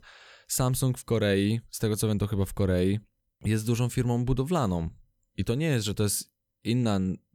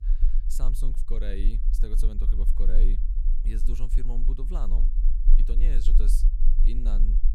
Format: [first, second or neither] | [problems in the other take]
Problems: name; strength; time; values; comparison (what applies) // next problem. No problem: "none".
first | low rumble; loud; throughout; 8 dB below the speech